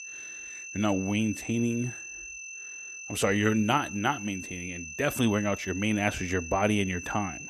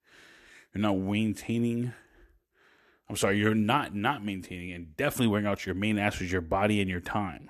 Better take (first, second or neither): second